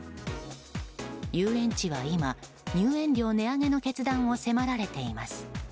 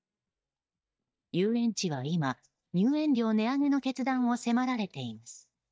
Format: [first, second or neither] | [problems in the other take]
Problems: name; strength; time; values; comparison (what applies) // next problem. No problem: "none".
first | noise reduction (neural mask model DeepFilterNet 3)